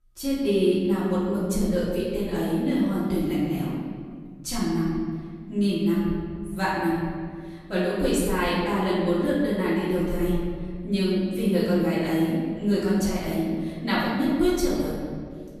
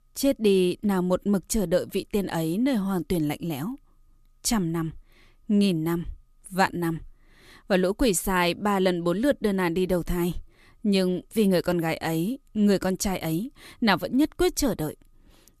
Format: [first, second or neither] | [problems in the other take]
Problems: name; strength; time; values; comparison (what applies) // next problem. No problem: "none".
second | off-mic speech; far // room echo; strong; dies away in 2 s